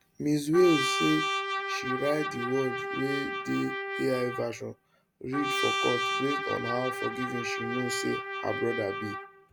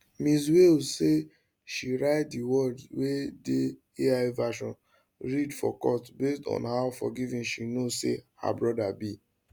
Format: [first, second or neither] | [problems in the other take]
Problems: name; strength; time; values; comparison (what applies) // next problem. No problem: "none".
second | background sound (Trumpet); 2 dB below the speech